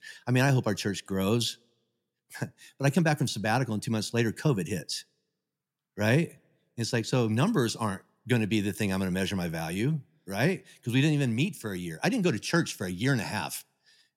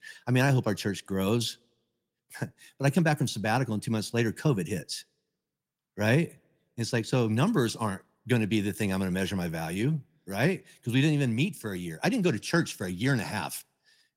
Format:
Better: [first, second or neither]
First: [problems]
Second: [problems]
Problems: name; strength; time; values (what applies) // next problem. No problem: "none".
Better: first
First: none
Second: garbled, watery; slightly; nothing above 16 kHz